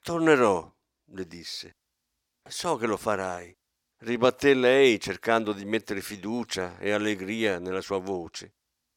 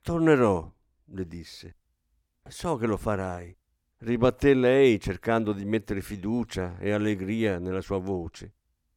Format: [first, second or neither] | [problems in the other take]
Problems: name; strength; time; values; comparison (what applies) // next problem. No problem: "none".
second | thin; very slightly; fading below 550 Hz